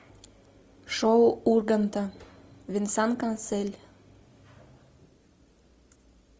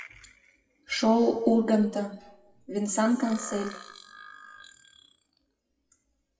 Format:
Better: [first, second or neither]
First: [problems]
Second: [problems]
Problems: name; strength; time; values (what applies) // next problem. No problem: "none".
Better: first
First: none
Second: noise reduction (classical method WPE with log-MMSE)